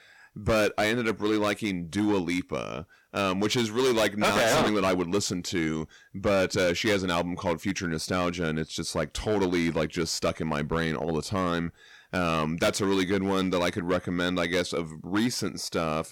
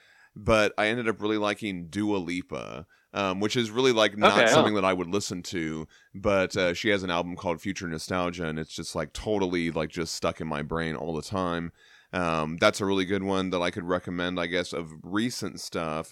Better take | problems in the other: second | distortion; heavy; 10% of the sound clipped

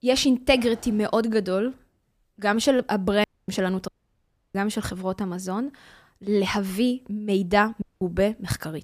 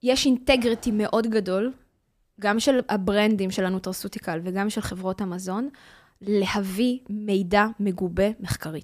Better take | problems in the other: second | audio cutting out; at 3 s, at 4 s for 0.5 s and at 8 s

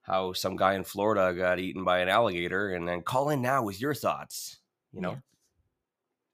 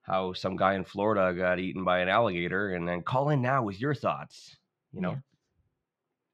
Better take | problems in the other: first | muffled; slightly; fading above 3 kHz

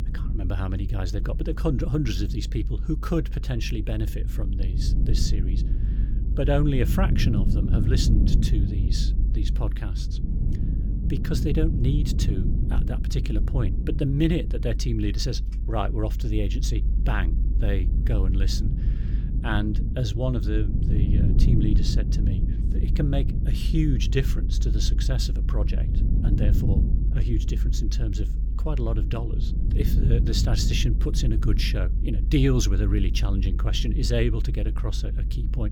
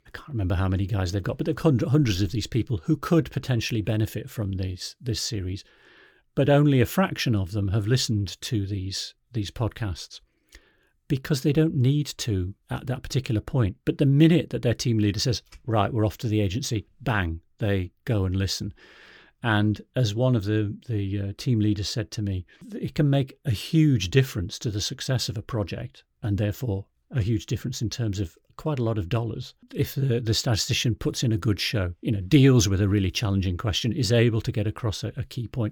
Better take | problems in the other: second | low rumble; loud; throughout; 8 dB below the speech

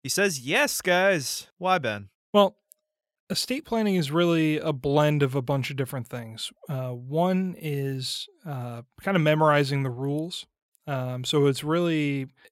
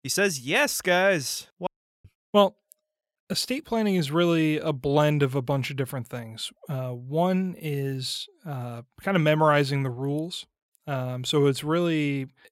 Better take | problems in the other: first | audio cutting out; at 1.5 s

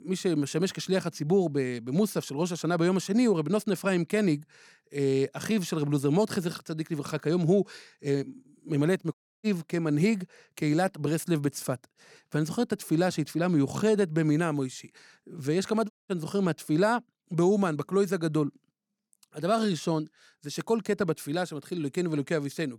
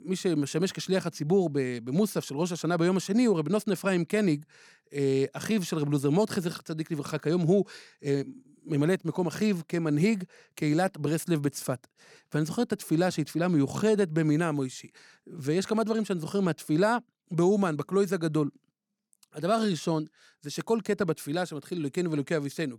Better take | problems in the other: second | audio cutting out; at 9 s and at 16 s

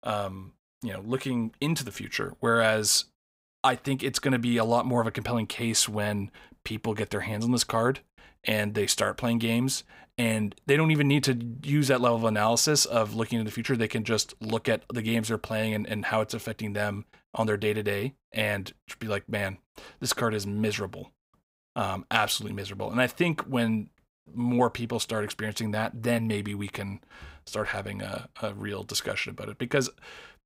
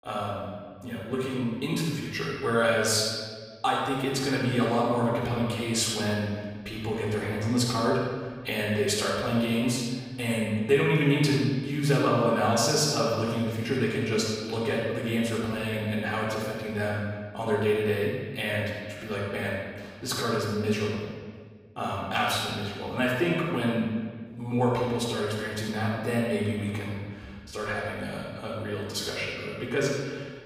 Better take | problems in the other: first | off-mic speech; far // room echo; strong; dies away in 1.5 s

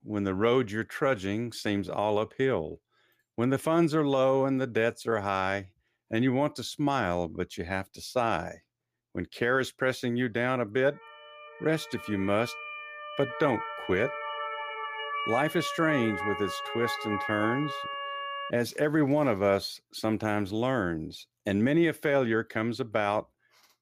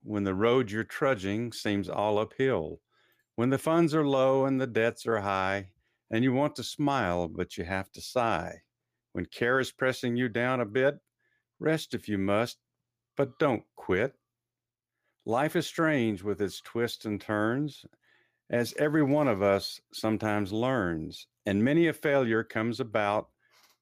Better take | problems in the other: second | siren; noticeable; from 11 to 19 s; peak 3 dB below the speech

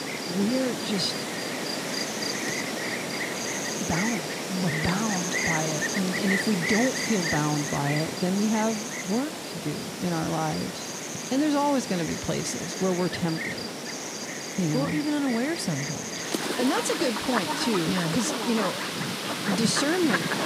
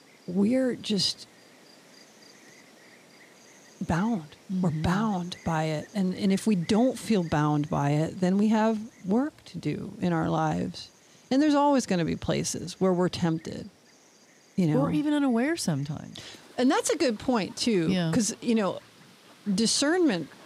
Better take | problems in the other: second | animal sounds; loud; throughout; 1 dB below the speech; faint in the second

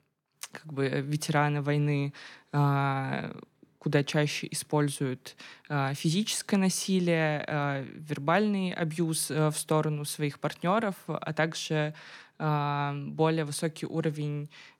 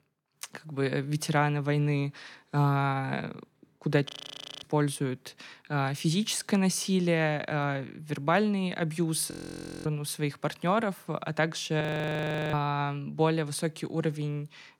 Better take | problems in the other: first | audio freezing; at 4 s for 0.5 s, at 9.5 s for 0.5 s and at 12 s for 0.5 s

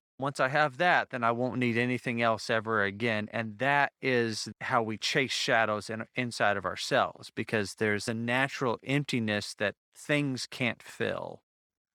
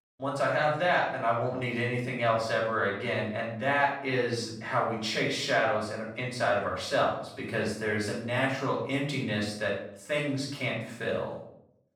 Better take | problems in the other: first | off-mic speech; far // room echo; noticeable; dies away in 0.6 s

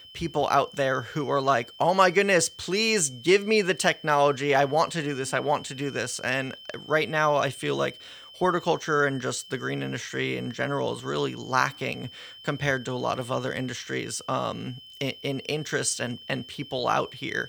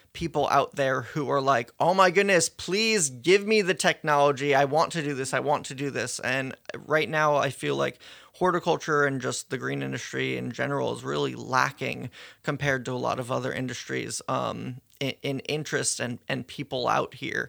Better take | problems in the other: second | high-pitched whine; noticeable; throughout; 3 kHz, 20 dB below the speech

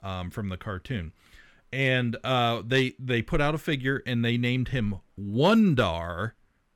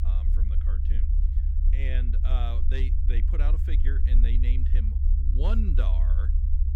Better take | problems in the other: first | low rumble; loud; throughout; 5 dB below the speech

